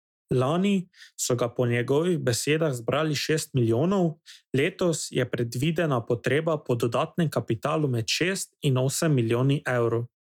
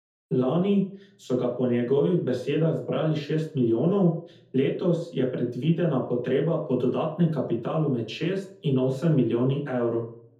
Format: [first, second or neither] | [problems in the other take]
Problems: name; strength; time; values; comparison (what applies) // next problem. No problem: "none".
first | room echo; dies away in 0.5 s